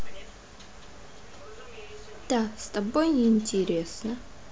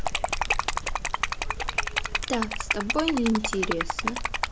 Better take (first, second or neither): first